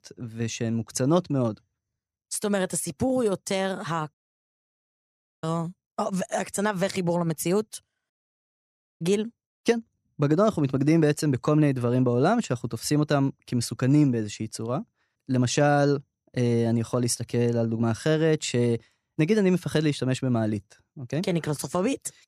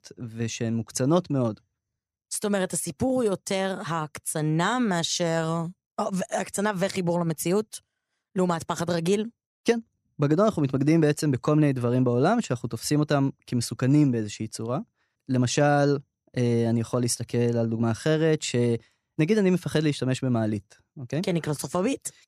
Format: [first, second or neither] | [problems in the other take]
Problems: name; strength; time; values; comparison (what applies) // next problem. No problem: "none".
second | audio cutting out; at 4 s for 1.5 s and at 8 s for 1 s